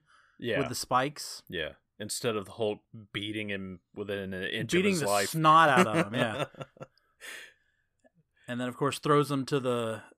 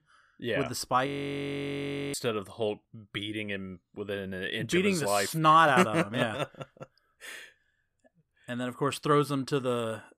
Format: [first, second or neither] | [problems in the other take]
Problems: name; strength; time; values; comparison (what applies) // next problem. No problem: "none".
first | audio freezing; at 1 s for 1 s